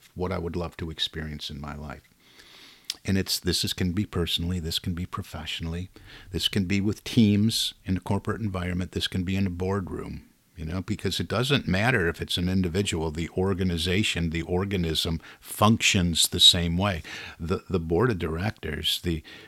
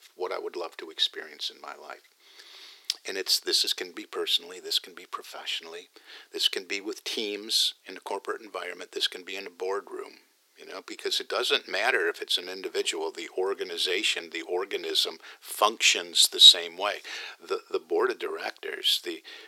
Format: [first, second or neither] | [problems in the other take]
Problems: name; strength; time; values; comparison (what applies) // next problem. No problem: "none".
first | thin; very; fading below 350 Hz